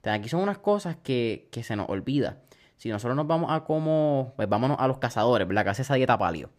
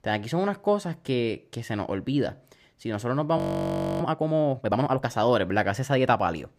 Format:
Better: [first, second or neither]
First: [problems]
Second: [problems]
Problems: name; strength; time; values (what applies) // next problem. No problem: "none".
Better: first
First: none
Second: audio freezing; at 3.5 s for 0.5 s